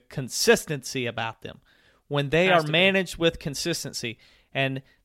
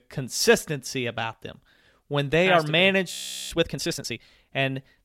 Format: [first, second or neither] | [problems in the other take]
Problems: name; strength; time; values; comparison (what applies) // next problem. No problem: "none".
first | audio freezing; at 3 s